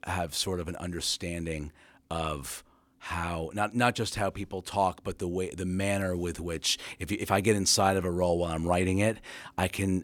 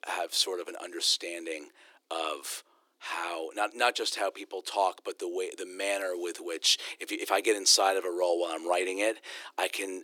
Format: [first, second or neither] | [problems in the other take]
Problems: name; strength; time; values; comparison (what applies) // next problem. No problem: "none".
first | thin; very; fading below 300 Hz